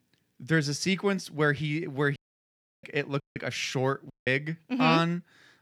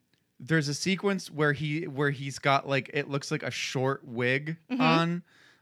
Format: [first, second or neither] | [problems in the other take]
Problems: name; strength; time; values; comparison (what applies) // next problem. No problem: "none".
second | audio cutting out; at 2 s for 0.5 s, at 3 s and at 4 s